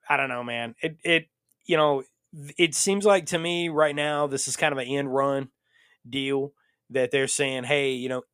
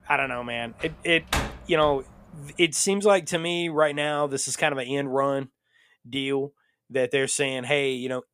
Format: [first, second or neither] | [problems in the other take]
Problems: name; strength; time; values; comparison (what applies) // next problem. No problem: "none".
first | door banging; noticeable; from 1 to 2 s; peak 3 dB below the speech